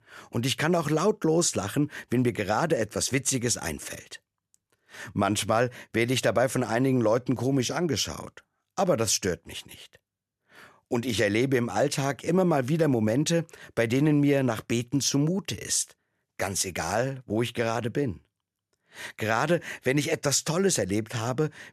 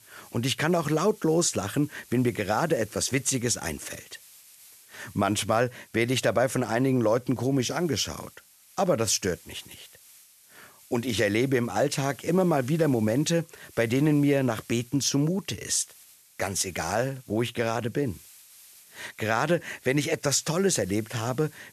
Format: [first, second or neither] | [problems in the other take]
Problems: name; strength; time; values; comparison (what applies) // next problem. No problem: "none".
first | hiss; faint; throughout; 25 dB below the speech